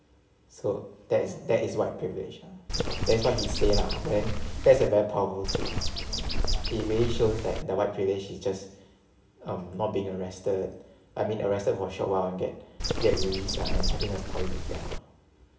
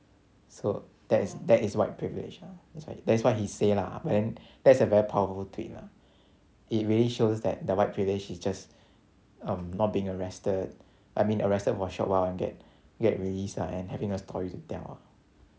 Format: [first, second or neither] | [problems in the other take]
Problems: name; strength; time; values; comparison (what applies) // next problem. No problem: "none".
second | background sound (Bird); 1 dB above the speech // room echo; dies away in 0.7 s